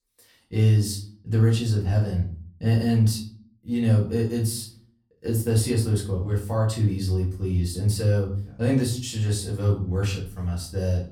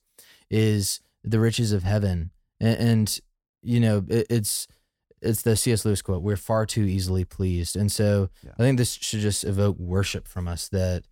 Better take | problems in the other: second | off-mic speech; far // room echo; slight; dies away in 0.4 s

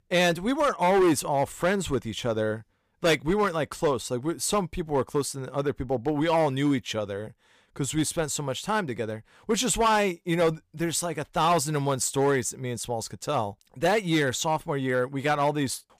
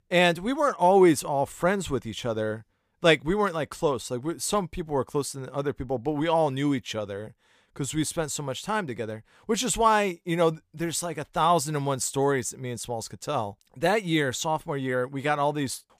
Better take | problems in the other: second | distortion; slight; 5% of the sound clipped

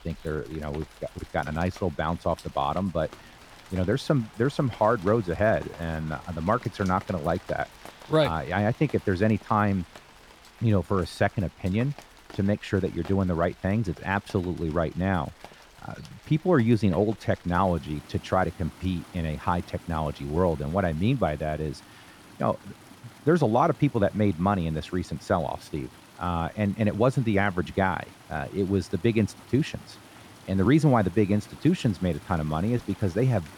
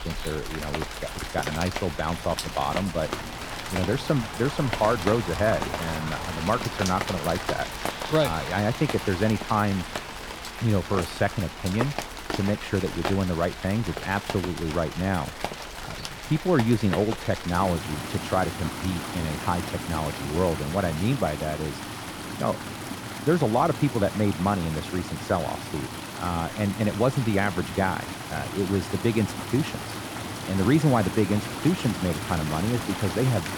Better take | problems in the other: first | rain or running water; loud; throughout; 6 dB below the speech; faint in the first

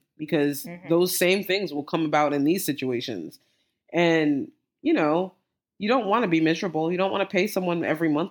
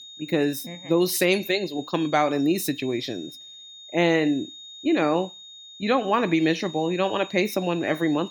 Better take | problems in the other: first | high-pitched whine; noticeable; throughout; 3.5 kHz, 15 dB below the speech

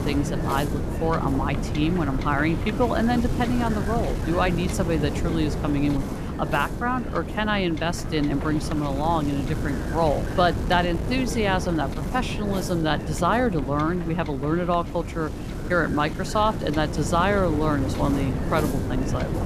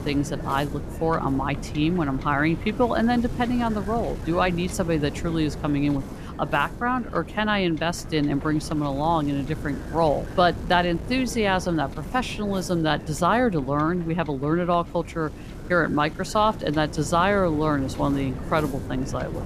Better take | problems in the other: second | wind noise on the microphone; heavy; 8 dB below the speech; occasional gusts in the second

